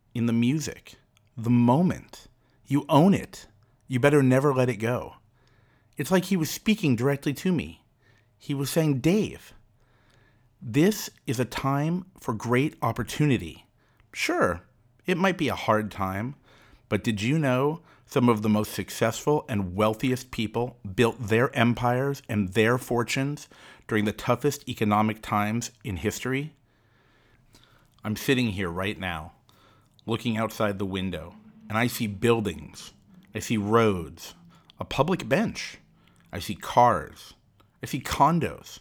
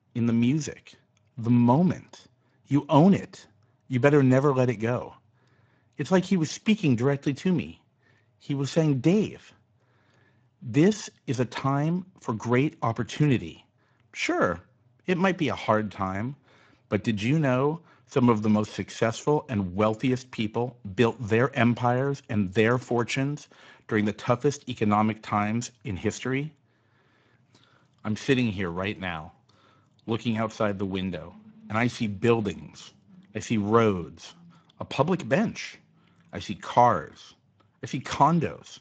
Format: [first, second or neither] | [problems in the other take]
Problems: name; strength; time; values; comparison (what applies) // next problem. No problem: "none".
first | garbled, watery; slightly; nothing above 7.5 kHz